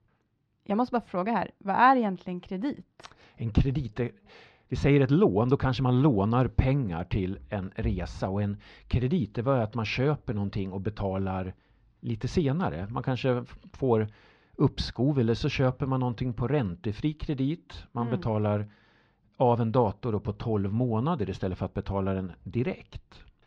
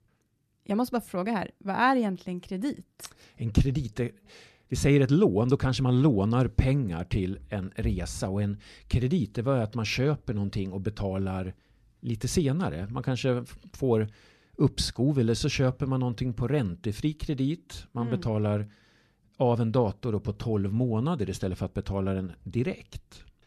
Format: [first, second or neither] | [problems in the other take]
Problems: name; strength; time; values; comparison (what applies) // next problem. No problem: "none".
second | muffled; slightly; fading above 4 kHz